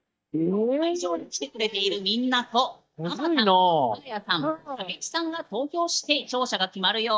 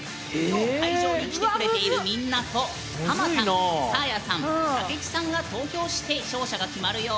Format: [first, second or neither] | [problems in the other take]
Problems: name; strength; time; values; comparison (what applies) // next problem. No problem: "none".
second | noise reduction (neural mask model DeepFilterNet 3)